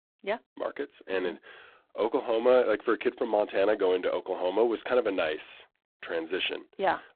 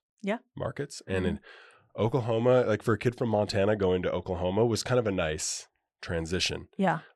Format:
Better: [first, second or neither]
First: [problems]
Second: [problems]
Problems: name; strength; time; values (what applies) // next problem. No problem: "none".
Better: second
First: phone-call audio; poor line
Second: none